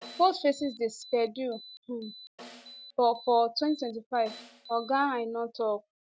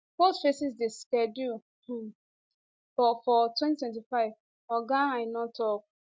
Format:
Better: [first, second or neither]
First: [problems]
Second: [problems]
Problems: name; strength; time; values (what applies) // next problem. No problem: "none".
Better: second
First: background sound (Snare drum + Alarm); 20 dB below the speech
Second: none